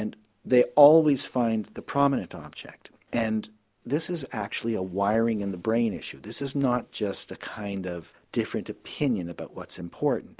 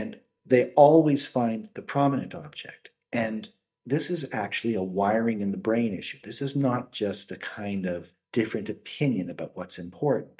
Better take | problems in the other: first | noise reduction (neural mask model DeepFilterNet 3)

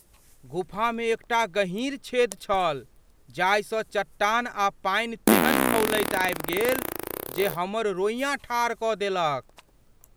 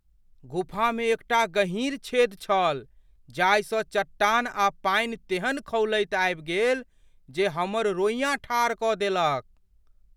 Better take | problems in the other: second | background sound (Fart); 5 dB below the speech

